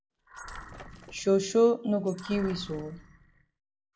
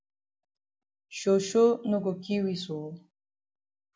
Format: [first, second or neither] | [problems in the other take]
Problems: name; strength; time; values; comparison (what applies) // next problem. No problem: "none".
second | background sound (Shatter + Animal); 17 dB below the speech